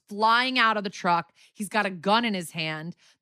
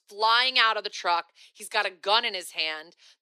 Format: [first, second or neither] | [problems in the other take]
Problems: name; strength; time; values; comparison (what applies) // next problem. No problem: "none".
first | thin; very; fading below 400 Hz